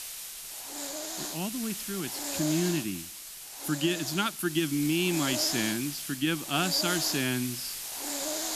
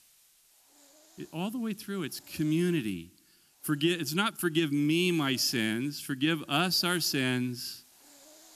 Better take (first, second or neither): second